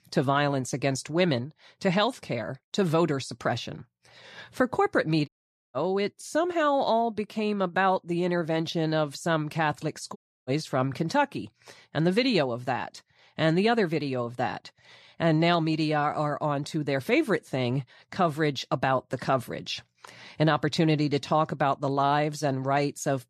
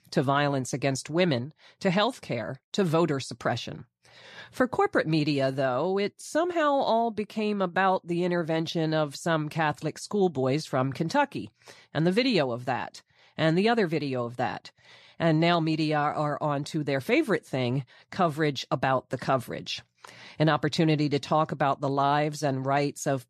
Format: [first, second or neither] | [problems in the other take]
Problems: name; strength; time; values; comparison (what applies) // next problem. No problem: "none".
second | audio cutting out; at 5.5 s and at 10 s